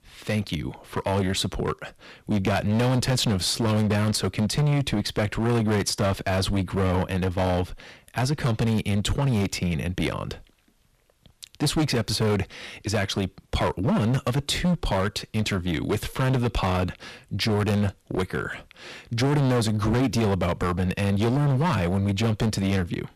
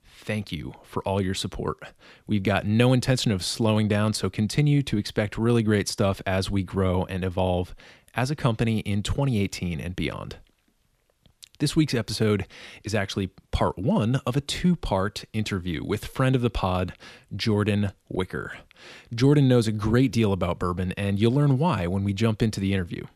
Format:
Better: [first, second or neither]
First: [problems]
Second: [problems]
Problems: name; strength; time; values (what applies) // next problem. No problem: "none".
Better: second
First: distortion; heavy; 15% of the sound clipped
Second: none